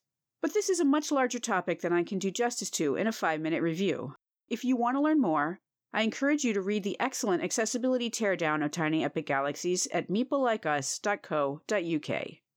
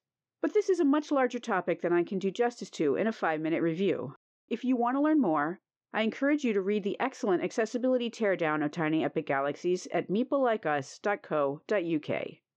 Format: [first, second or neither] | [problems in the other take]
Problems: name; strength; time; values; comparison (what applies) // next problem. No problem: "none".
first | muffled; slightly; fading above 3 kHz